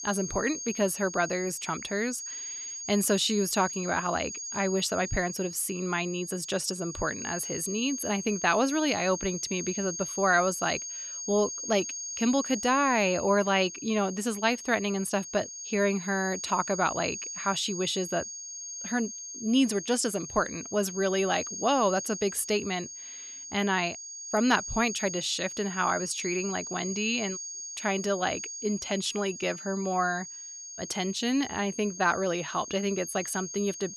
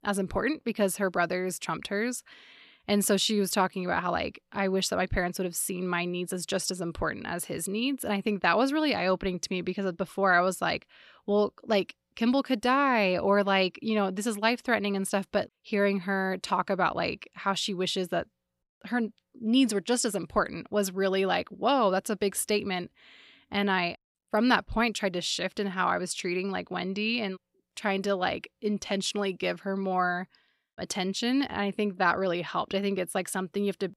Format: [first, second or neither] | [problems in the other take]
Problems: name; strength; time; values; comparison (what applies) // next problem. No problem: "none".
second | high-pitched whine; loud; throughout; 6.5 kHz, 7 dB below the speech